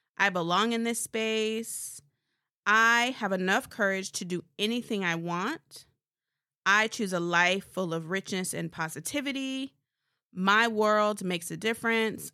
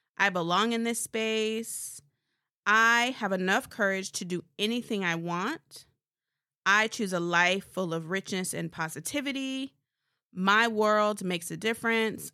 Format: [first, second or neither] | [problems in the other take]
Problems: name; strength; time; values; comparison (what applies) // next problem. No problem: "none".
neither | none